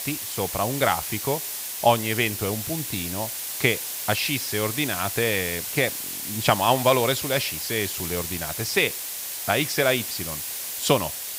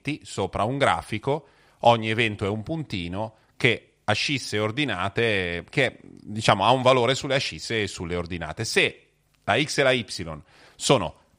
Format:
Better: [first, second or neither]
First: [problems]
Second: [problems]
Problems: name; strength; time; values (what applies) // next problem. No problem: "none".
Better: second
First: hiss; loud; throughout; 4 dB below the speech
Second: none